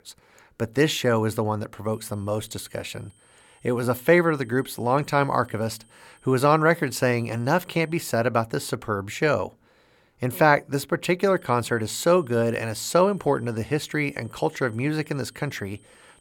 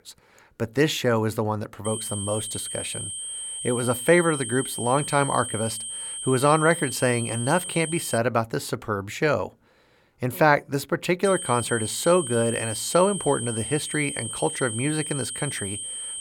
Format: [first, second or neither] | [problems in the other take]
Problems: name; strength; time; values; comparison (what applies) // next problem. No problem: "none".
first | high-pitched whine; loud; from 2 to 8 s and from 11 s on; 8.5 kHz, 6 dB below the speech; faint in the first